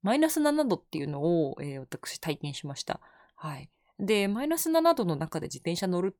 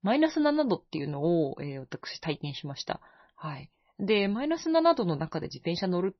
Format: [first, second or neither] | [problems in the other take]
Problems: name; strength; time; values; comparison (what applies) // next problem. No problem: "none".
first | garbled, watery; slightly; nothing above 6 kHz